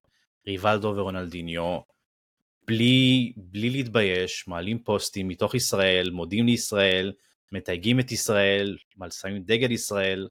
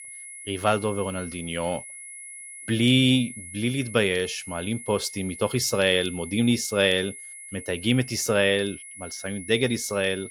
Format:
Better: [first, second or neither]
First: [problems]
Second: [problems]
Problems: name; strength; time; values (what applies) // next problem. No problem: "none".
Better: first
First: none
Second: high-pitched whine; noticeable; throughout; 10.5 kHz, 15 dB below the speech